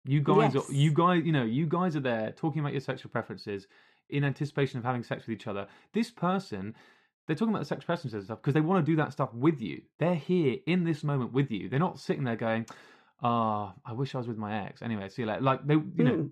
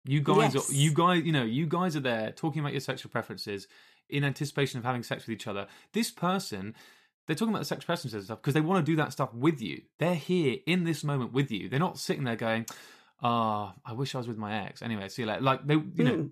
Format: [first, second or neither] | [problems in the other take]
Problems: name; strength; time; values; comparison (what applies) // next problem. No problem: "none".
second | muffled; slightly; fading above 1.5 kHz